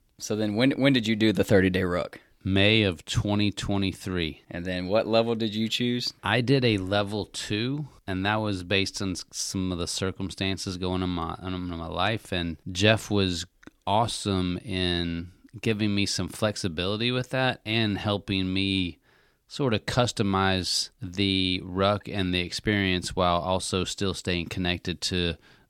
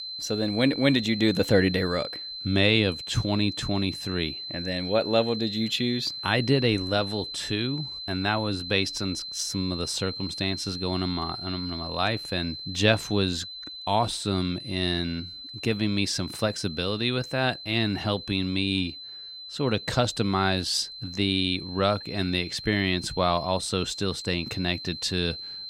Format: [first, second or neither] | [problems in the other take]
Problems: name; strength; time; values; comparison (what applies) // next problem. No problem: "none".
first | high-pitched whine; loud; throughout; 4 kHz, 9 dB below the speech